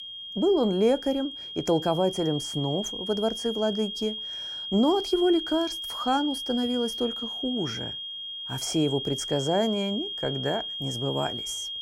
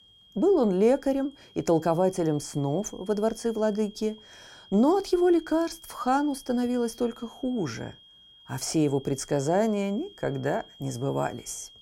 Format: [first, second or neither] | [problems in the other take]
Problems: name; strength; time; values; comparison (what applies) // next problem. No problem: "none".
second | high-pitched whine; loud; throughout; 3 kHz, 5 dB below the speech; faint in the second